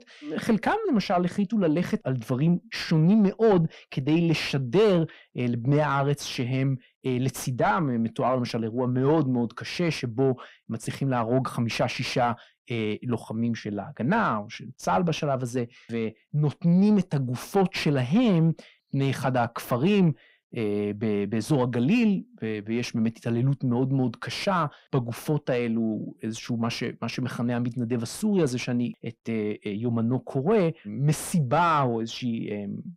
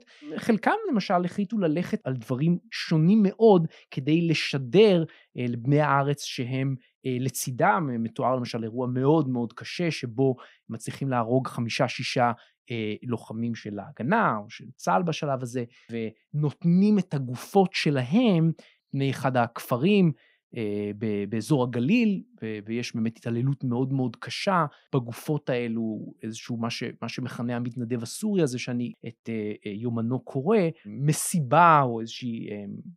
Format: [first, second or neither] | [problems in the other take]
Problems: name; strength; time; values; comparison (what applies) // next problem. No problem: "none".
second | distortion; slight; 10 dB below the speech